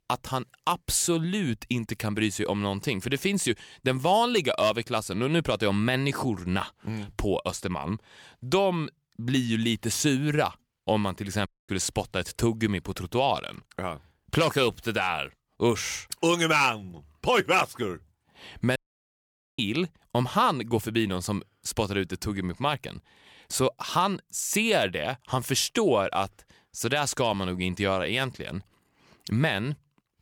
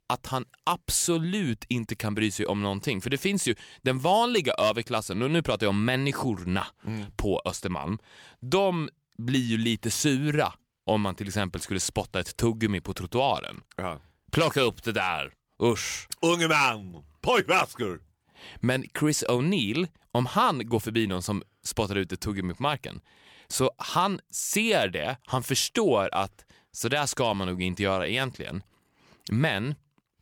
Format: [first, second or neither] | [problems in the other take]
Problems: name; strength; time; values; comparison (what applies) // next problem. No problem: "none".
second | audio cutting out; at 11 s and at 19 s for 1 s